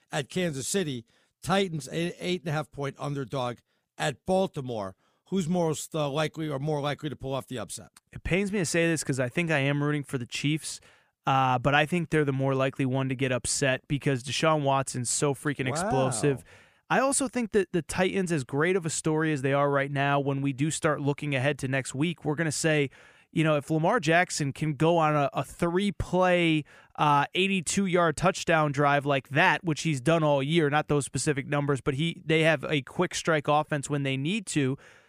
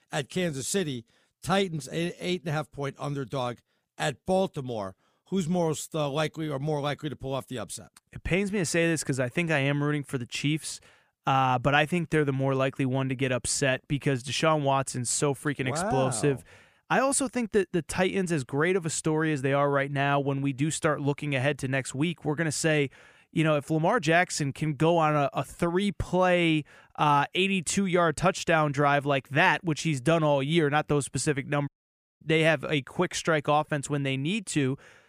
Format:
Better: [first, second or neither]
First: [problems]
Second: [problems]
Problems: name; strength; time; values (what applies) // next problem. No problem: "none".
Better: first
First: none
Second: audio cutting out; at 32 s for 0.5 s